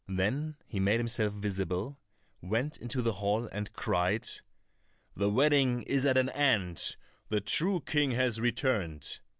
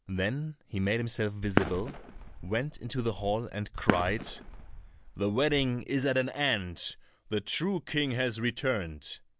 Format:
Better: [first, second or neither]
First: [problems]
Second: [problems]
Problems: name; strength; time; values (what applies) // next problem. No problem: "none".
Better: first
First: none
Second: background sound (Fireworks); 4 dB below the speech